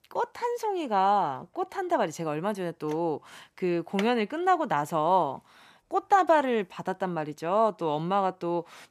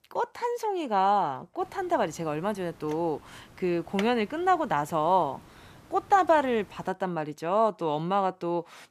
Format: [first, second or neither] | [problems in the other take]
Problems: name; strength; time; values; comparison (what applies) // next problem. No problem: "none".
first | hiss; faint; from 1.5 to 7 s; 25 dB below the speech